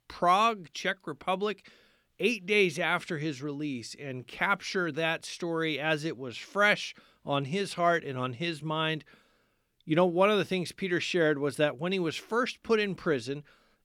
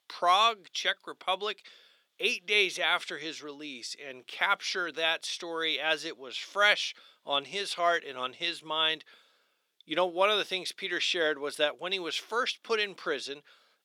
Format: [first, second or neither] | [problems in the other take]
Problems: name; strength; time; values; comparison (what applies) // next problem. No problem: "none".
first | thin; somewhat; fading below 500 Hz